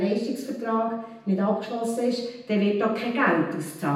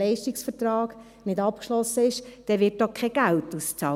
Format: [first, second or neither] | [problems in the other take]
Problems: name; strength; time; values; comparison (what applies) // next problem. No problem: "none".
second | room echo; dies away in 0.9 s